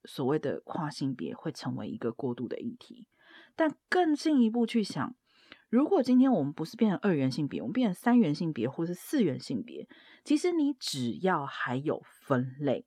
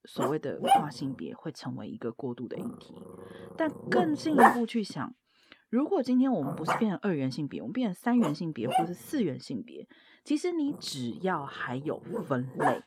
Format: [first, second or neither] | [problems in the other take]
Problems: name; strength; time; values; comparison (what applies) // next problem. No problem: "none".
first | animal sounds; very loud; throughout; 2 dB above the speech